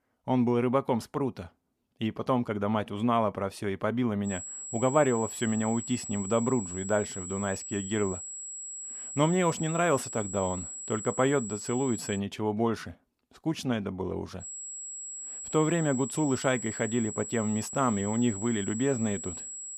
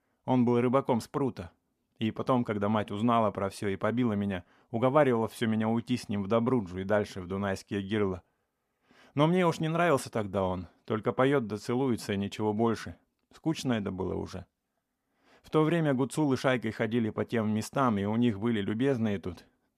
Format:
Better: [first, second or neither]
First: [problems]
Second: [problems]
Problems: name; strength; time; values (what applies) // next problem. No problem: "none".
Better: second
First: high-pitched whine; loud; from 4.5 to 12 s and from 14 s on; 7.5 kHz, 8 dB below the speech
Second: none